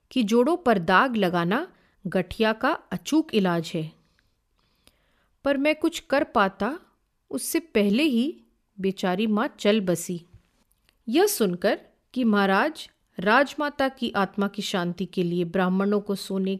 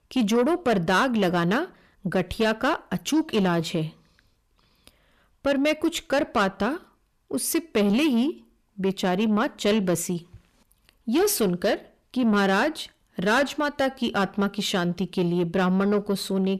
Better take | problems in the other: first | distortion; slight; 10 dB below the speech

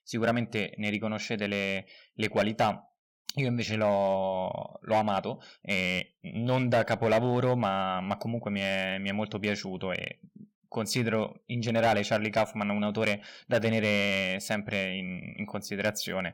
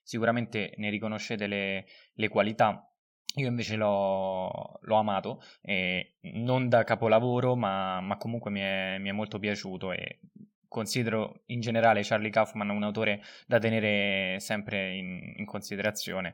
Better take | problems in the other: second | distortion; slight; 3% of the sound clipped

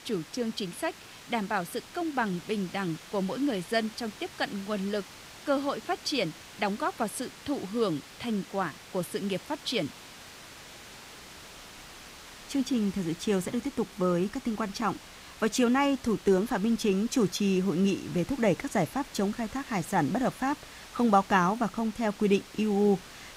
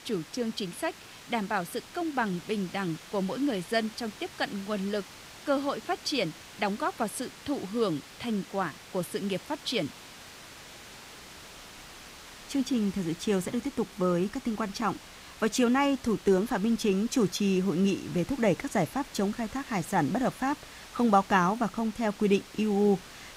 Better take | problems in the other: neither | hiss; noticeable; throughout; 15 dB below the speech; the same in both

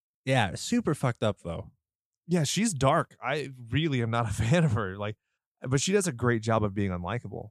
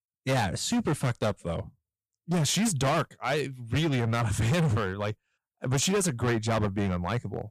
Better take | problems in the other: first | distortion; heavy; 16% of the sound clipped

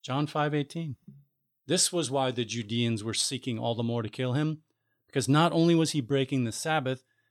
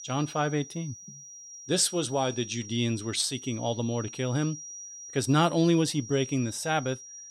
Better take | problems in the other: first | high-pitched whine; noticeable; throughout; 5.5 kHz, 15 dB below the speech

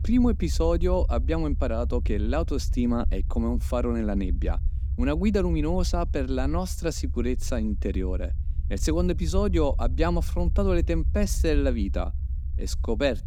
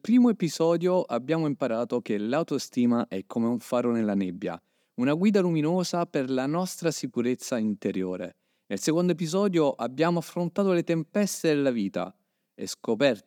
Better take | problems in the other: second | low rumble; noticeable; throughout; 20 dB below the speech

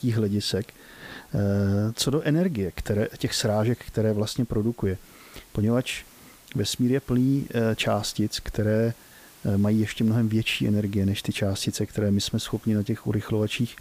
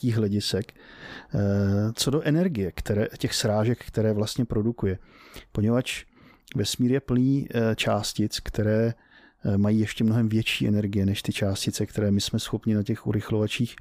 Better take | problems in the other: second | hiss; faint; throughout; 25 dB below the speech

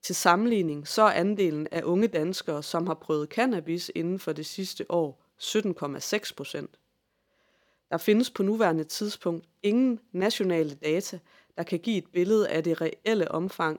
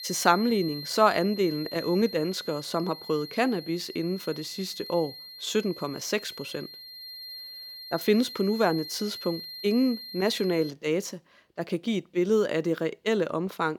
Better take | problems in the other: first | high-pitched whine; noticeable; until 11 s; 4 kHz, 10 dB below the speech

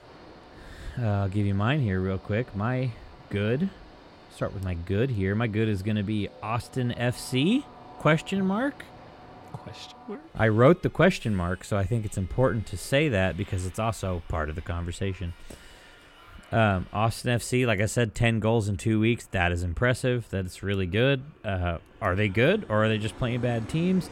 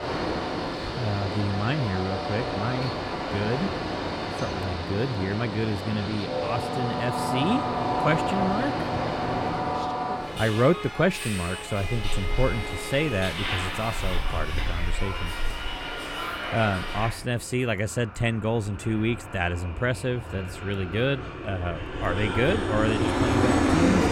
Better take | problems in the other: first | train or aircraft noise; loud; throughout; 1 dB below the speech; faint in the first

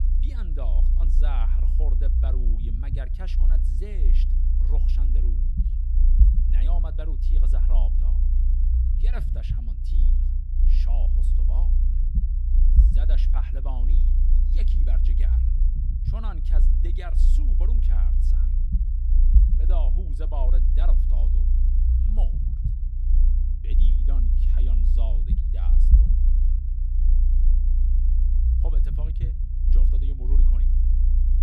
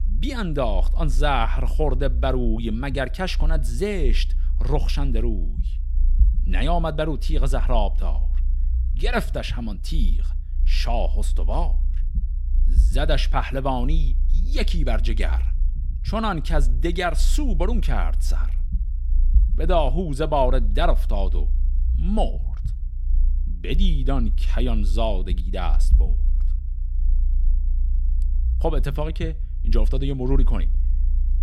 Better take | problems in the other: second | low rumble; loud; throughout; 1 dB below the speech; faint in the second

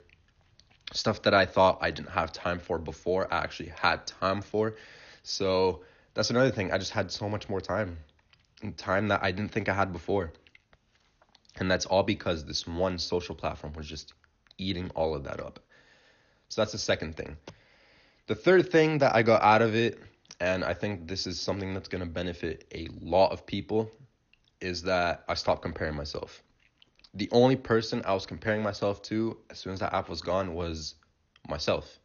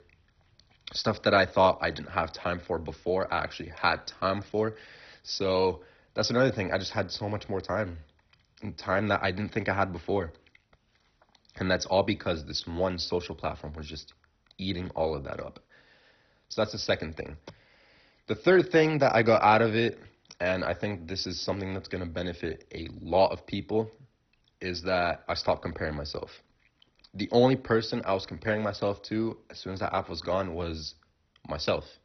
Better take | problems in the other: first | garbled, watery; badly; nothing above 6 kHz; slightly in the first

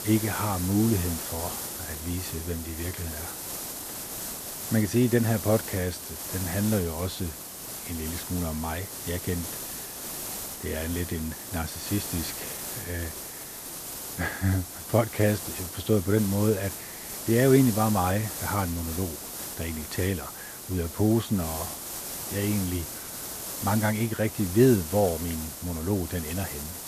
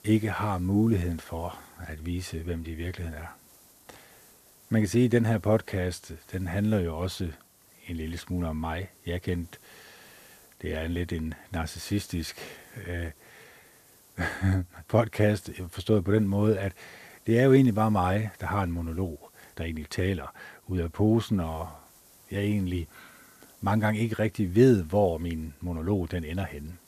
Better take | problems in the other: second | hiss; loud; throughout; 6 dB below the speech; faint in the second

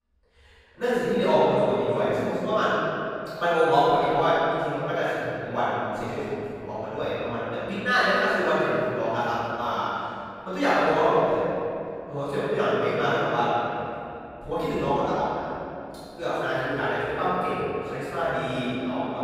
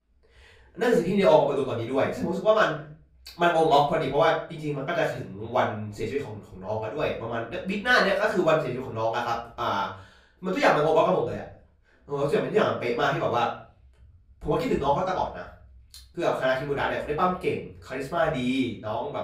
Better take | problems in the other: second | room echo; strong; dies away in 2.7 s; slight in the second // off-mic speech; far; far in the second

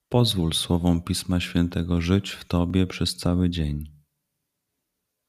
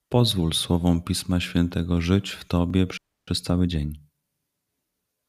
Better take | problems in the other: first | audio freezing; at 3 s

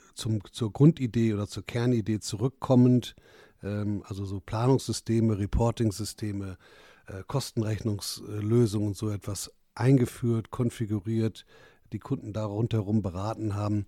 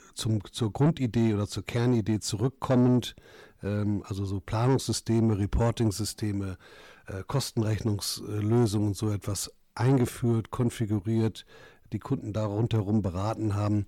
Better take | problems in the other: first | distortion; slight; 10 dB below the speech

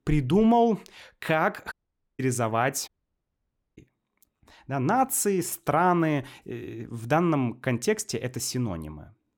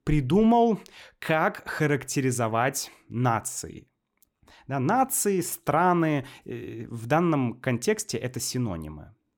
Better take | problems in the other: second | audio cutting out; at 1.5 s and at 3 s for 1 s

